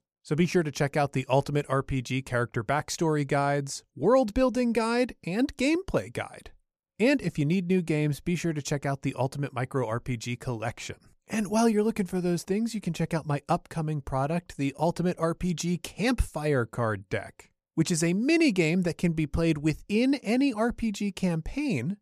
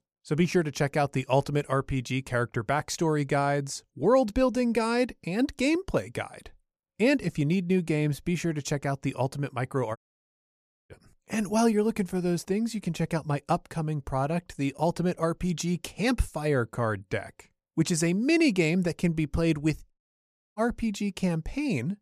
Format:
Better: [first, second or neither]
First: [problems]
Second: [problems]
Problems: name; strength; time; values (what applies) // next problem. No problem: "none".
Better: first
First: none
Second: audio cutting out; at 10 s for 1 s and at 20 s for 0.5 s